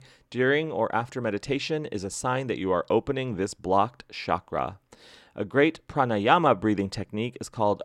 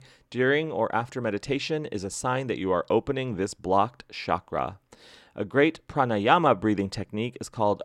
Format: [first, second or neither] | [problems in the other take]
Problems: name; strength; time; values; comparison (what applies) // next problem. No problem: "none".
neither | none